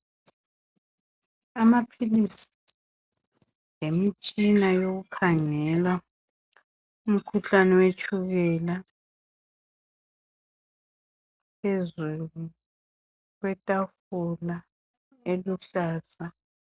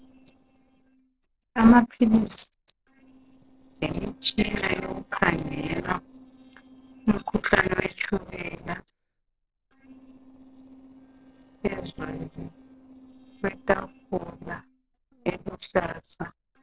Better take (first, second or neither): first